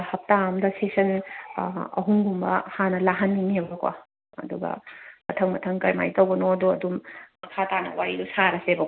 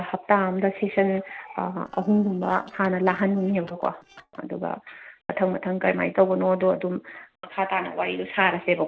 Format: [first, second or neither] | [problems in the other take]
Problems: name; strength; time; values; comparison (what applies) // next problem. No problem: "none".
first | noise reduction (neural separator model SepFormer DNS4)